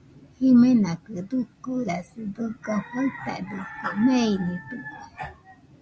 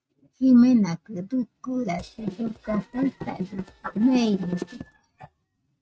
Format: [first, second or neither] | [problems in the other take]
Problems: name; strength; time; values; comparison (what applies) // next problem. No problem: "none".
first | noise reduction (neural mask model RNNoise)